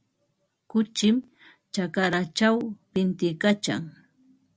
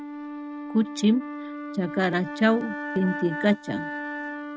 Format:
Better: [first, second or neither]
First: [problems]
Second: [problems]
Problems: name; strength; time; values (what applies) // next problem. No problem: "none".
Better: first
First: none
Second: noise reduction (neural mask model RNNoise)